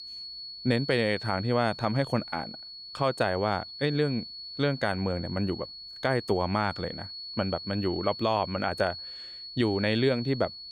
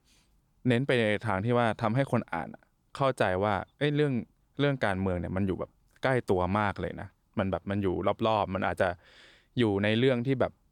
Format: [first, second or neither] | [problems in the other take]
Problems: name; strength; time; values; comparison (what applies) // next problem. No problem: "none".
second | high-pitched whine; noticeable; throughout; 4.5 kHz, 10 dB below the speech